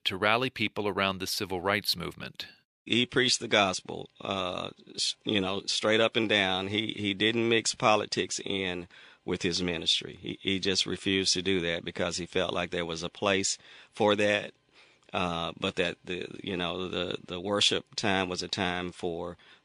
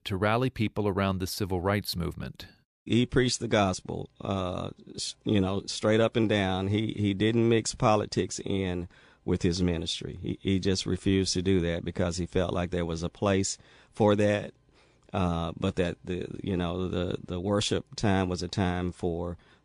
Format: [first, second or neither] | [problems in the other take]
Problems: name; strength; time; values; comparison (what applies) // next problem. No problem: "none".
second | thin; very slightly; fading below 350 Hz